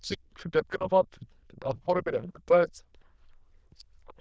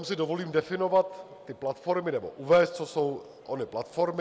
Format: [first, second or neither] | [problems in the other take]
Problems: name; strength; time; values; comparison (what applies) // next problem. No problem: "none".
second | noise reduction (neural diffusion model UNIVERSE++)